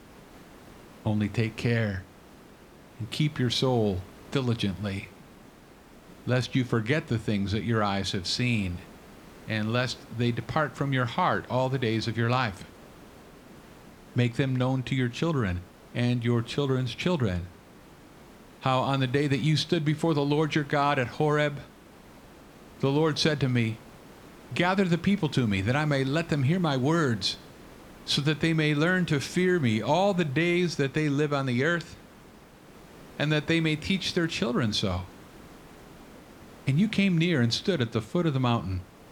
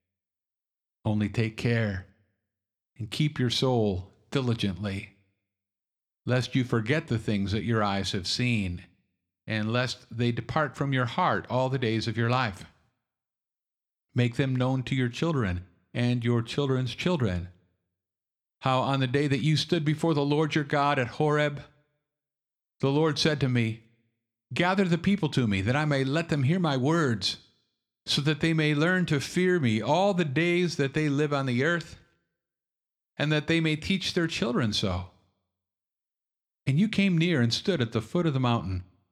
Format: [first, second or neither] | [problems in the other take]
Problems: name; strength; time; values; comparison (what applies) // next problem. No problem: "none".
second | hiss; faint; throughout; 25 dB below the speech